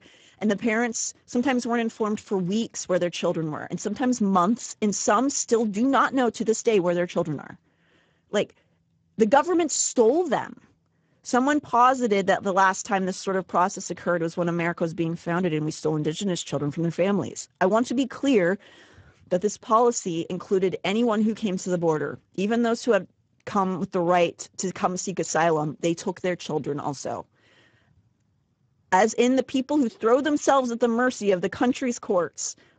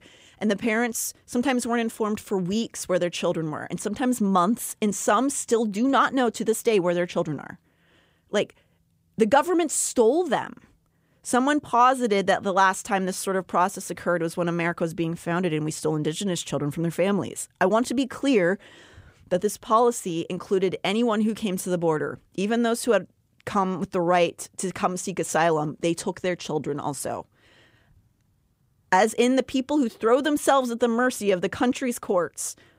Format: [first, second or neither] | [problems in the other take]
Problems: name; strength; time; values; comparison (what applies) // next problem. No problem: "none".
second | garbled, watery; badly; nothing above 7.5 kHz